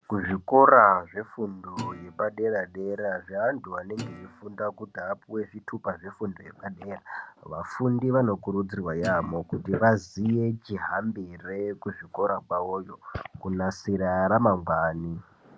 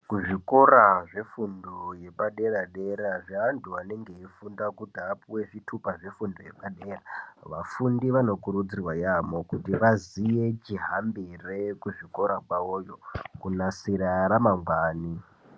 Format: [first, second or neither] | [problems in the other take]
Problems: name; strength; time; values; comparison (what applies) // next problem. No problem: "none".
second | background sound (Guitar); 16 dB below the speech